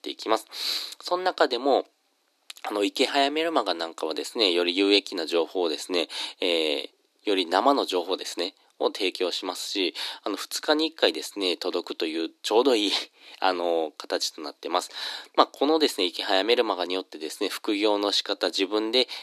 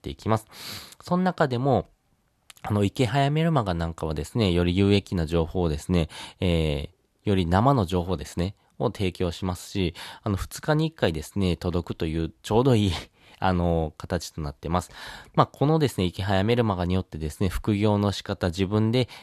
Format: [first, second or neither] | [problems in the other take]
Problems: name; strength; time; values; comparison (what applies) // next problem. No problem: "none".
second | thin; somewhat; fading below 300 Hz